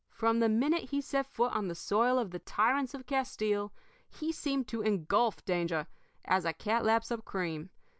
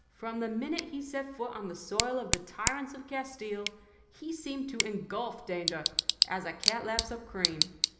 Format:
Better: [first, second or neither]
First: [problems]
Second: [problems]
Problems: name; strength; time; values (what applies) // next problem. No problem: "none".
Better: first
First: none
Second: background sound (Tick / Bicycle); 1 dB above the speech // room echo; dies away in 0.8 s